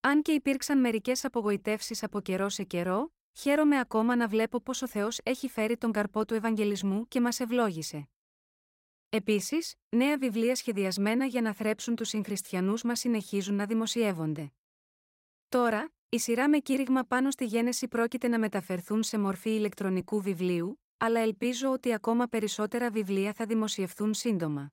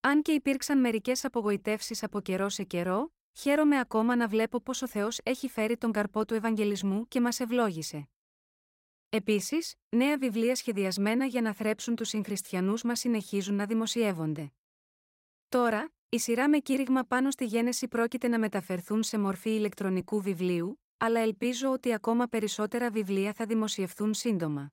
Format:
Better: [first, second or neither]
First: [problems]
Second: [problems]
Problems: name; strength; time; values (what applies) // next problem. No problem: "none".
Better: neither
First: none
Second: none